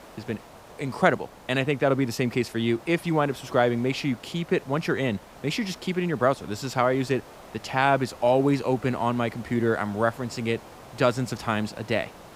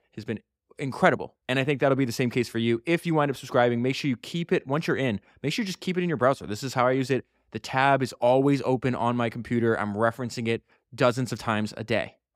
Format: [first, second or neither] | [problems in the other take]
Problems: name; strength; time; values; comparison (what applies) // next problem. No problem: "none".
second | hiss; faint; throughout; 20 dB below the speech